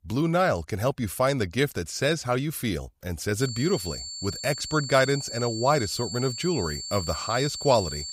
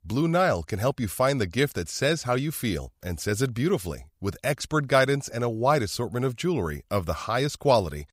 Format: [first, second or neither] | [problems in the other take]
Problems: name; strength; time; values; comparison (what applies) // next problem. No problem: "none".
second | high-pitched whine; loud; from 3.5 s on; 4.5 kHz, 7 dB below the speech